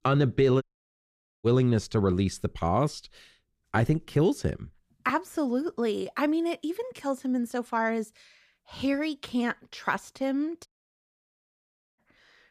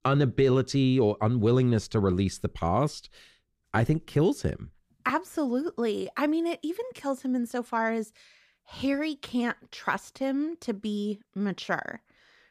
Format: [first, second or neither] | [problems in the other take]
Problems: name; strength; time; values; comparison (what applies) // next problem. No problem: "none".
second | audio cutting out; at 0.5 s for 1 s and at 11 s for 1.5 s